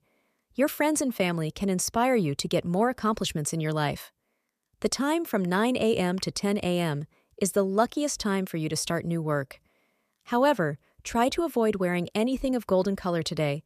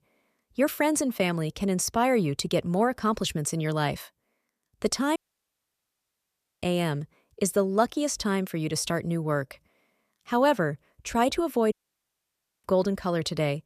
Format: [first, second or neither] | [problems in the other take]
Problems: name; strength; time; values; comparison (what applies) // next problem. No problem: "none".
first | audio cutting out; at 5 s for 1.5 s and at 12 s for 1 s